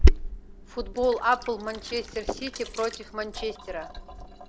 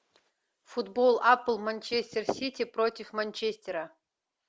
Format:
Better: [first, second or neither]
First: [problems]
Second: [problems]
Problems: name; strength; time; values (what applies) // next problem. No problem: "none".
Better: second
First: background sound (Sink (filling or washing)); 4 dB above the speech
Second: none